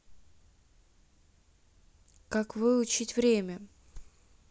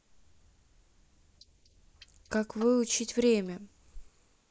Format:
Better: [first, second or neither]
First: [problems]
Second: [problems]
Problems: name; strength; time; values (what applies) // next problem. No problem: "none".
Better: first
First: none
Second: noise reduction (neural mask model Resemble Enhance denoiser)